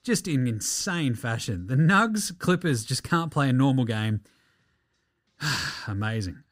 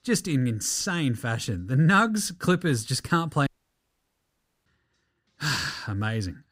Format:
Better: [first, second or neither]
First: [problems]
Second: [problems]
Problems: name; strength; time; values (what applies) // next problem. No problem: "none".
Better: first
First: none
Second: audio cutting out; at 3.5 s for 1 s